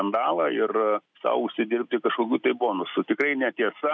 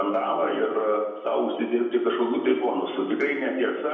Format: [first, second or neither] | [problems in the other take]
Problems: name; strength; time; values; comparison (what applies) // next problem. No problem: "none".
first | room echo; dies away in 0.9 s